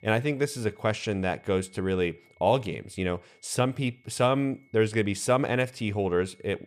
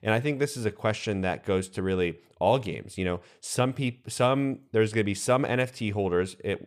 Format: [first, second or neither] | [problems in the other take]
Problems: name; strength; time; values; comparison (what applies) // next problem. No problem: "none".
second | high-pitched whine; faint; throughout; 2 kHz, 35 dB below the speech